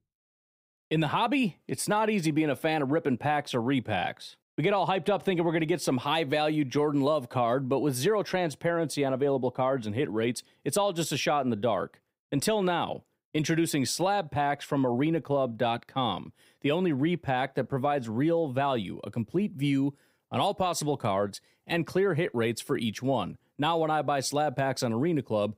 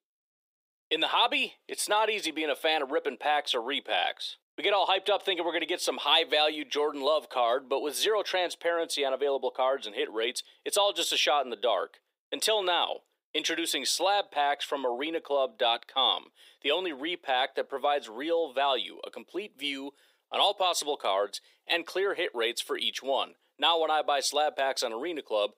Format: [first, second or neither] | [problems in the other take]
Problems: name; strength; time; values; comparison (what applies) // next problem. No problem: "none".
first | thin; very; fading below 400 Hz